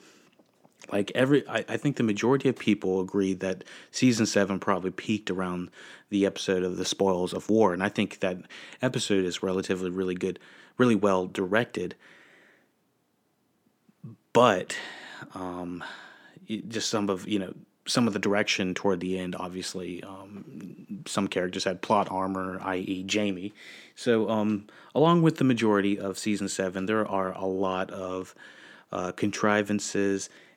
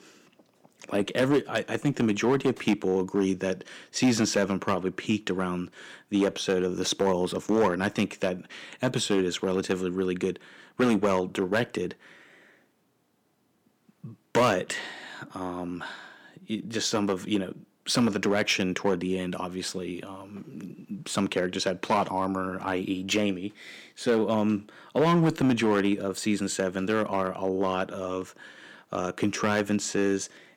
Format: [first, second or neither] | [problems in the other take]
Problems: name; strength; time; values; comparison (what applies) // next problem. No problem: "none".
first | distortion; slight; 3% of the sound clipped